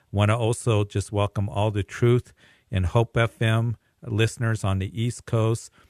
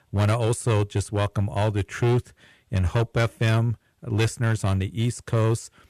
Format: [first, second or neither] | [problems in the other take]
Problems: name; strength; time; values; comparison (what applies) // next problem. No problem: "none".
first | distortion; slight; 8% of the sound clipped